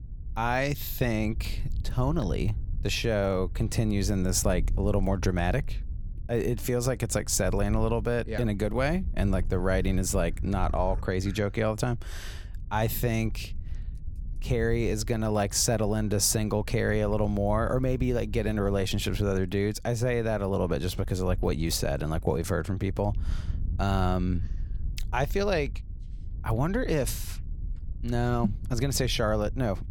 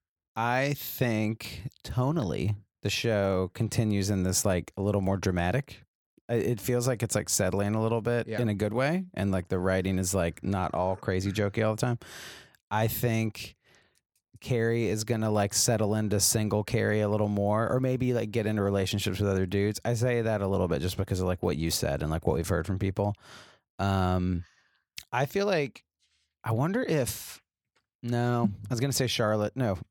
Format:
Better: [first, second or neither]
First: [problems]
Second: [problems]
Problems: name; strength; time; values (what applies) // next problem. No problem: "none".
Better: second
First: wind noise on the microphone; occasional gusts; 25 dB below the speech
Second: none